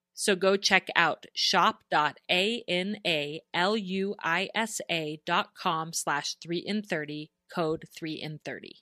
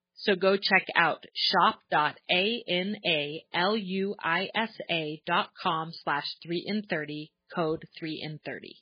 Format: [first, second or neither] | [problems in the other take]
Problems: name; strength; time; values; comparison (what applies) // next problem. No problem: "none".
first | garbled, watery; badly